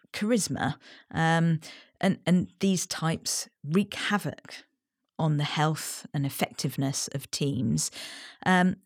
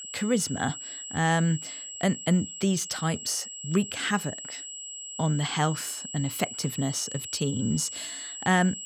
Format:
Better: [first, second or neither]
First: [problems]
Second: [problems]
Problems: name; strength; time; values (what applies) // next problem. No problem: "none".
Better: first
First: none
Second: high-pitched whine; loud; throughout; 7.5 kHz, 8 dB below the speech